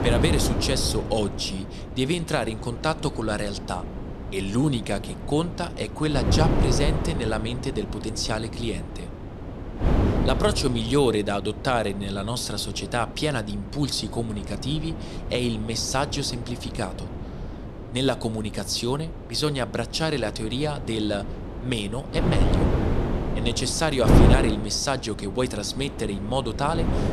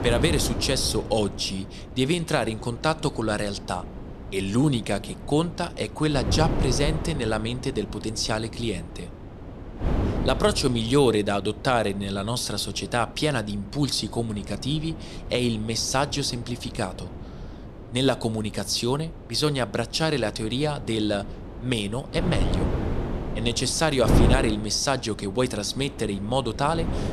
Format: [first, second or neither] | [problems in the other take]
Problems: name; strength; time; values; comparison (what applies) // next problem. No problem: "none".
second | wind noise on the microphone; heavy; 7 dB below the speech; occasional gusts in the second